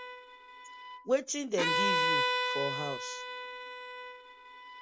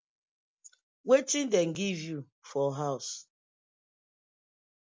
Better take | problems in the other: second | background sound (Bowed string instrument); 3 dB above the speech

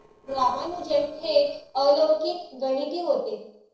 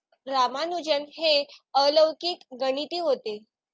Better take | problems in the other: second | noise reduction (neural separator model SepFormer DNS4)

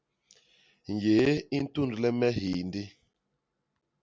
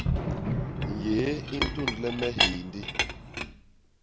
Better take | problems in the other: first | background sound (Chink, clink + Fireworks); 3 dB above the speech

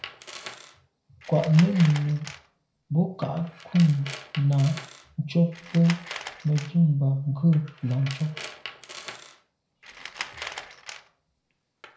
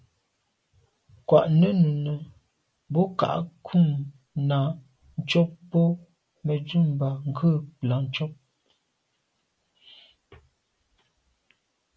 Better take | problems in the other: second | background sound (Tools); 16 dB below the speech // room echo; dies away in 0.5 s

